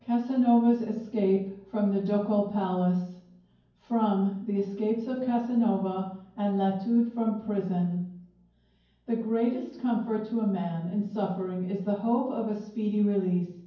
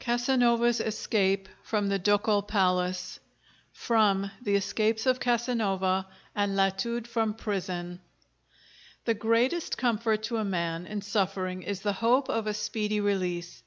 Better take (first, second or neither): second